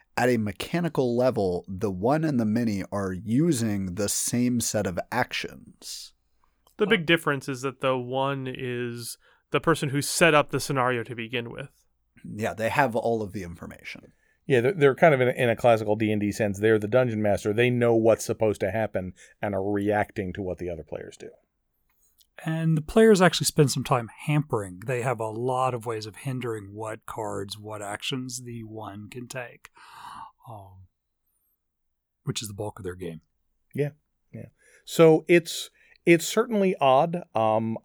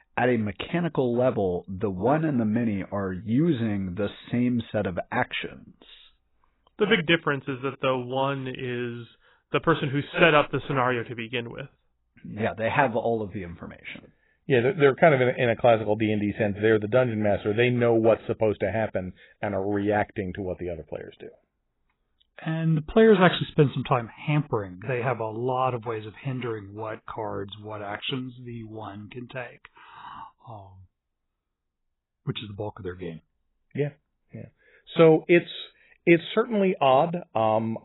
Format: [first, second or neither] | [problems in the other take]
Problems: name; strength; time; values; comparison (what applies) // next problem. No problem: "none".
first | garbled, watery; badly; nothing above 4 kHz